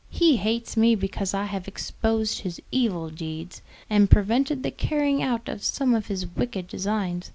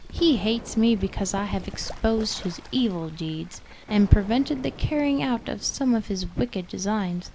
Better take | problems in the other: first | background sound (Explosion + Bird / Fowl); 16 dB below the speech

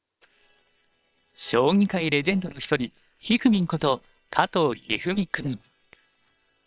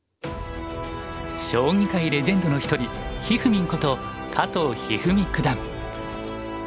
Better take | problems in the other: second | noise reduction (neural separator model SepFormer WHAM!)

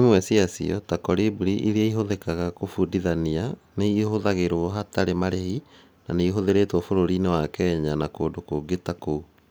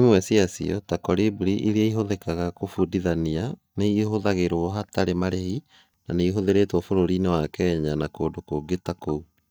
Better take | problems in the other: first | noise reduction (neural mask model DeepFilterNet 3)

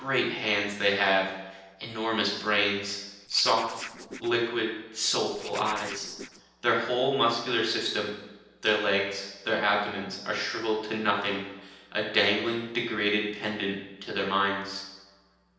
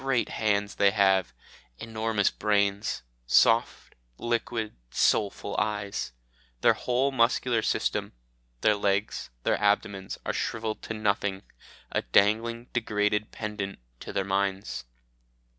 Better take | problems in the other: second | noise reduction (neural separator model SepFormer DNS4)

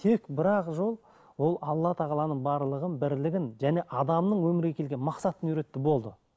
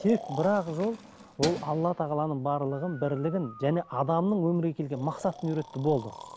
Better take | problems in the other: first | background sound (Keys jangling + Breathing); 15 dB below the speech

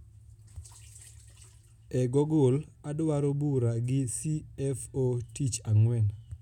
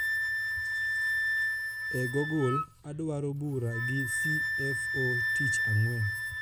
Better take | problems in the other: first | background sound (Wind instrument, woodwind instrument); 2 dB above the speech

